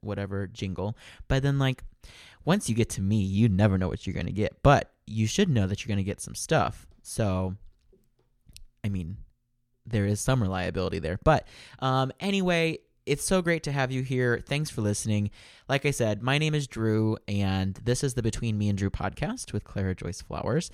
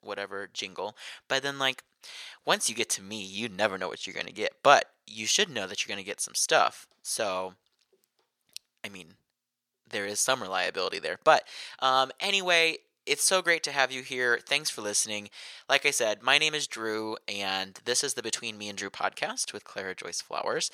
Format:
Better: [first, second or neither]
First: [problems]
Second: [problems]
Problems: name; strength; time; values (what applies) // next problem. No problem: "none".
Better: first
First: none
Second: thin; very; fading below 650 Hz